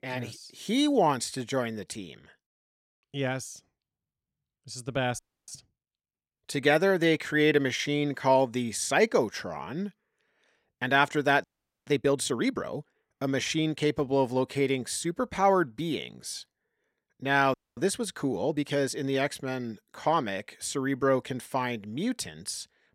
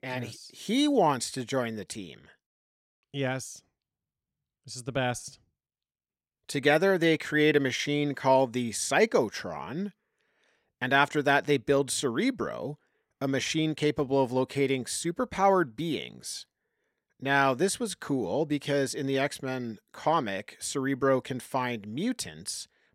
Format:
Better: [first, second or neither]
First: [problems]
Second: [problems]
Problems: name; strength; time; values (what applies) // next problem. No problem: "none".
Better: second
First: audio freezing; at 5 s, at 11 s and at 18 s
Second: none